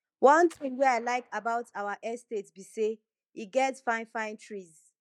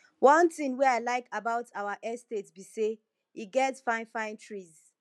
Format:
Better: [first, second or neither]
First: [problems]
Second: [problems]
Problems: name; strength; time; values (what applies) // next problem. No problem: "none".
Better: second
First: noise reduction (neural mask model DeepFilterNet 3)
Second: none